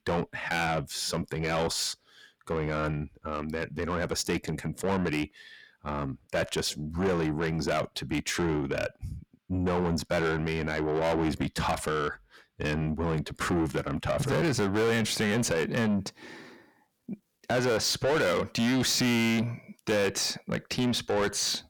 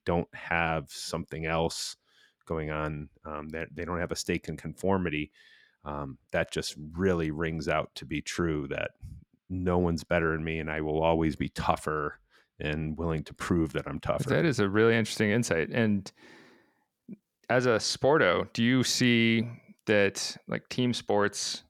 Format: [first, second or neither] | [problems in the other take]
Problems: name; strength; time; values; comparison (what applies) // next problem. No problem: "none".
second | distortion; heavy; 6 dB below the speech